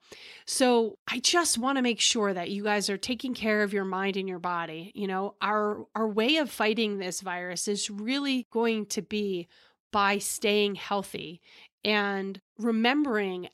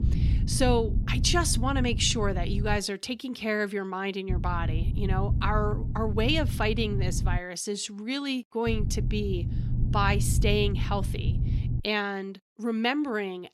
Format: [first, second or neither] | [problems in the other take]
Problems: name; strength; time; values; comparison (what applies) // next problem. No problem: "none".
first | low rumble; noticeable; until 3 s, from 4.5 to 7.5 s and from 8.5 to 12 s; 15 dB below the speech